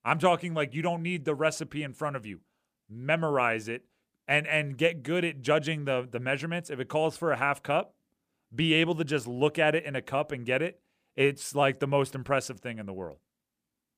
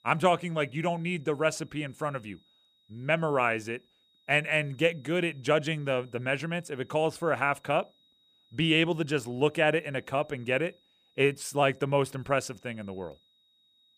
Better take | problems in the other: first | high-pitched whine; faint; throughout; 4 kHz, 35 dB below the speech

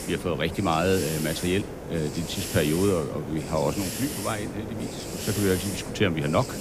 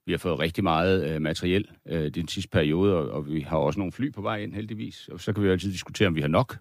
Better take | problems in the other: second | hiss; loud; throughout; 6 dB below the speech

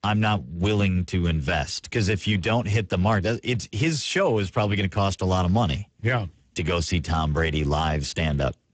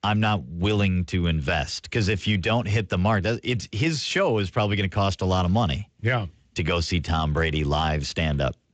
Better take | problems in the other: second | garbled, watery; badly; nothing above 8 kHz; slightly in the second

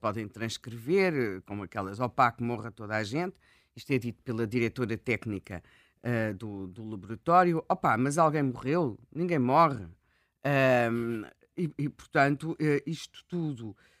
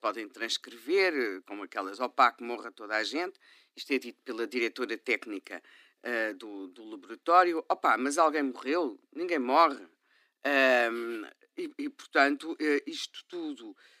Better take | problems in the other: first | thin; very slightly; fading below 250 Hz

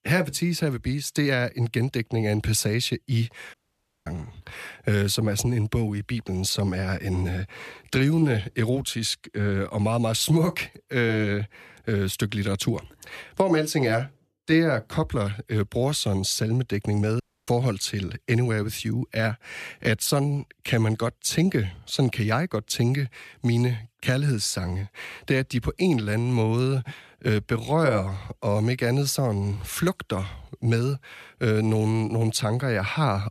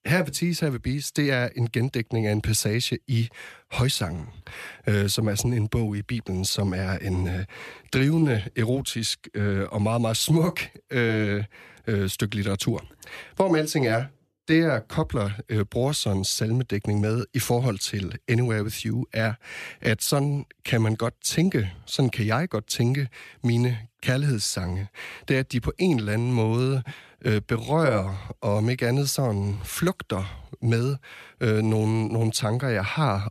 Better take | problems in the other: second | audio cutting out; at 3.5 s for 0.5 s and at 17 s

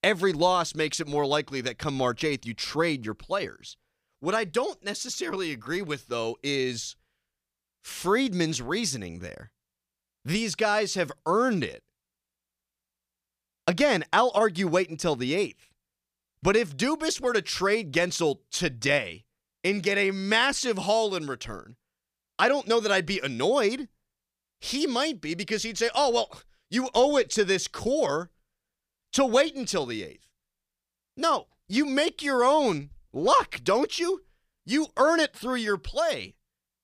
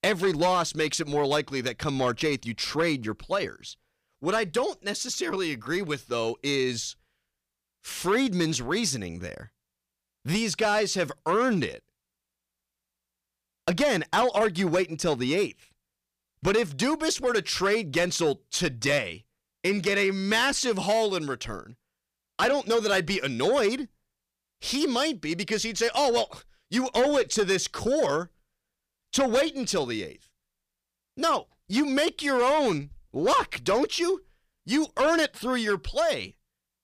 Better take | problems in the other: first | distortion; slight; 10 dB below the speech

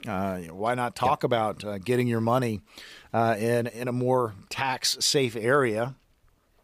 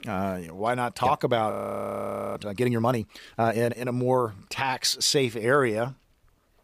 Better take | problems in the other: first | audio freezing; at 1.5 s for 1 s

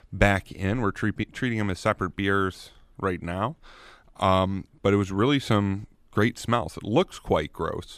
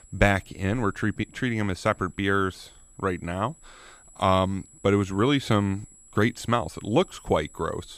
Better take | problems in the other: first | high-pitched whine; faint; throughout; 7.5 kHz, 25 dB below the speech

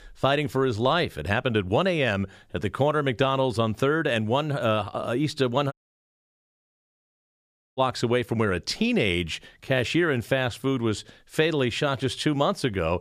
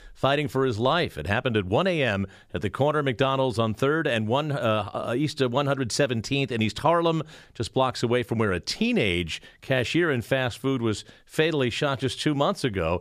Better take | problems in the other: second | audio cutting out; at 5.5 s for 2 s

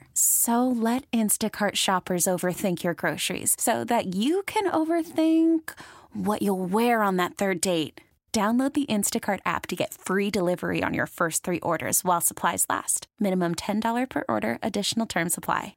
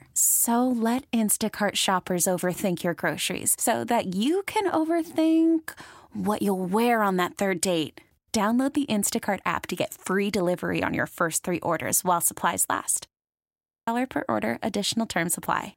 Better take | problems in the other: first | audio freezing; at 13 s for 0.5 s

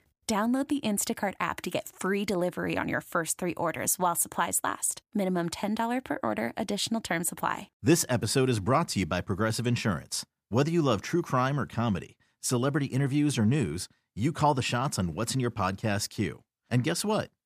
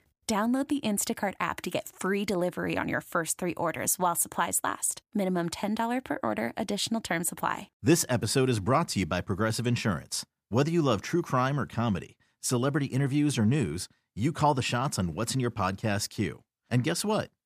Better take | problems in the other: neither | none

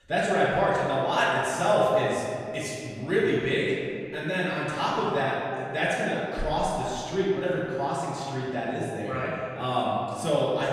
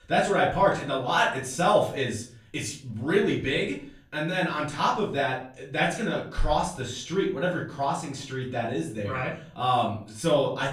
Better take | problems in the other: second | room echo; strong; dies away in 2 s; slight in the second // off-mic speech; far; far in the second

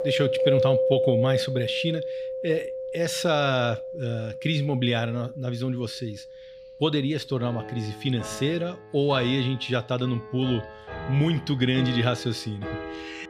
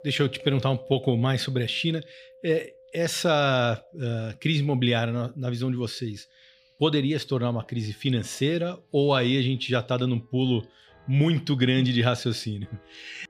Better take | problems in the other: second | background music; loud; throughout; 4 dB below the speech; faint in the second

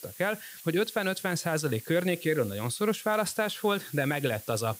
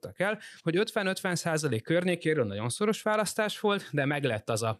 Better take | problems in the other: second | hiss; noticeable; throughout; 15 dB below the speech

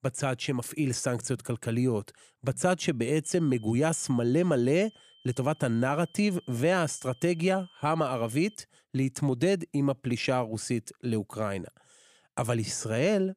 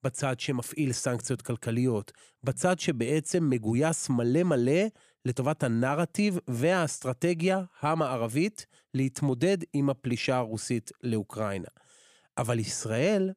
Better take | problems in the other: second | high-pitched whine; faint; from 3 to 8.5 s; 3 kHz, 25 dB below the speech

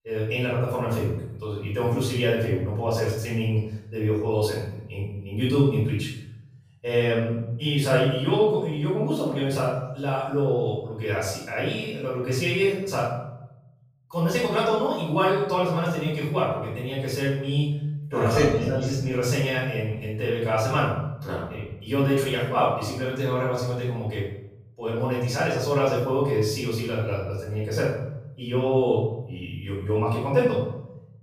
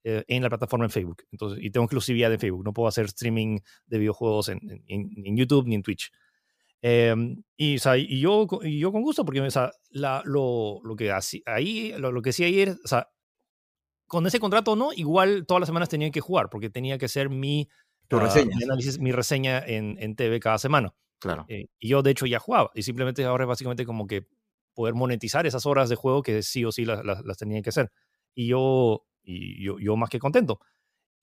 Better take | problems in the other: second | room echo; noticeable; dies away in 0.8 s // off-mic speech; far

